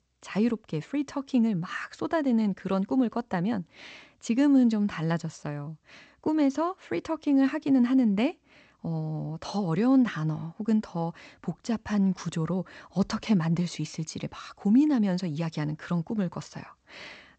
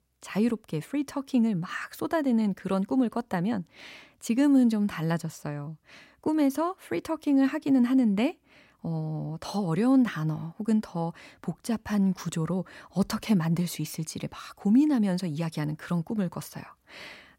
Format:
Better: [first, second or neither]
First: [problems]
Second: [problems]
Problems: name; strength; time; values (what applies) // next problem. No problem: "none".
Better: second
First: garbled, watery; slightly; nothing above 8 kHz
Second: none